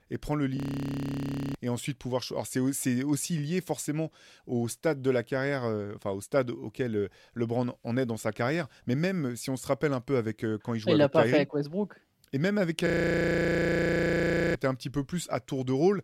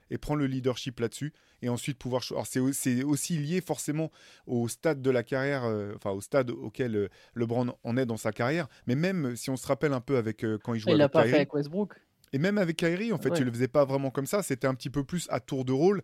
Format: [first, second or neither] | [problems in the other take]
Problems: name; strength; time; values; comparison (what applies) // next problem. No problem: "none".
second | audio freezing; at 0.5 s for 1 s and at 13 s for 1.5 s